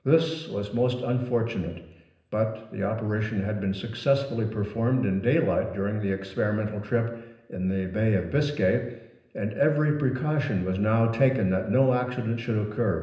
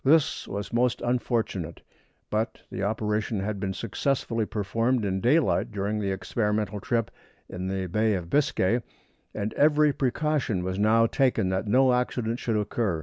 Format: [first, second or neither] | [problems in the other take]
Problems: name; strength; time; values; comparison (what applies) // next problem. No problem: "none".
second | room echo; dies away in 0.9 s